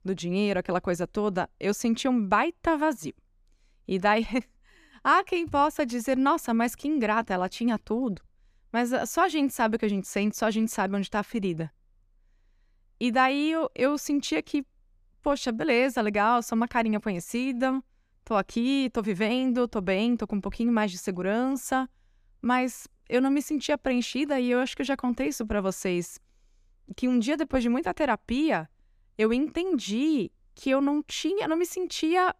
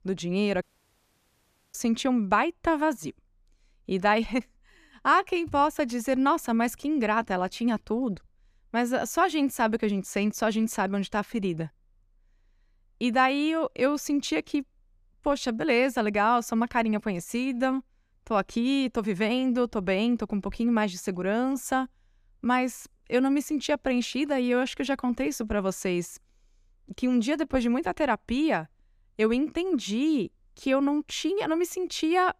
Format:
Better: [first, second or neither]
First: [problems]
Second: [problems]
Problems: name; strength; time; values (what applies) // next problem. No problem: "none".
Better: first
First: none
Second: audio cutting out; at 0.5 s for 1 s